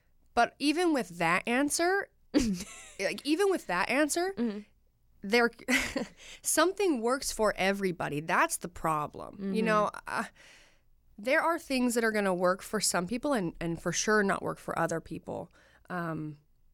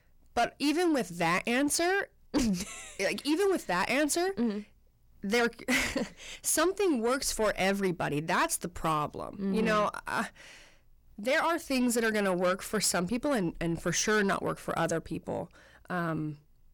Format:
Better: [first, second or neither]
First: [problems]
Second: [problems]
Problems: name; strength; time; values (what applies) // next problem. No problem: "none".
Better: first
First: none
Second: distortion; slight; 10 dB below the speech